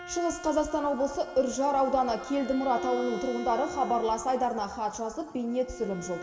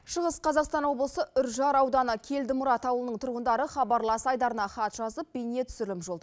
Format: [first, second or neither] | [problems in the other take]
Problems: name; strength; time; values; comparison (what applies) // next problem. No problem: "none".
second | background sound (Bowed string instrument); 12 dB below the speech // room echo; dies away in 2.3 s